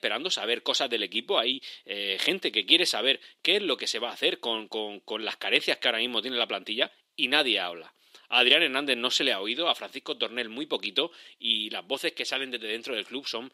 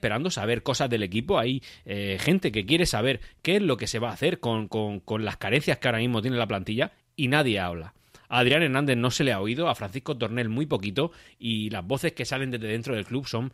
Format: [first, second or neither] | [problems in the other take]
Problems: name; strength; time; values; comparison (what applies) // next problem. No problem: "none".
second | thin; somewhat; fading below 300 Hz